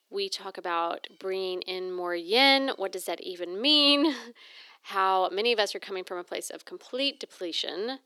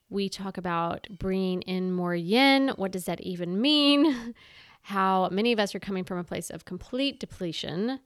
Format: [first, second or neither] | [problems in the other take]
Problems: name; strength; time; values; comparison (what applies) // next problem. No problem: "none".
second | thin; somewhat; fading below 300 Hz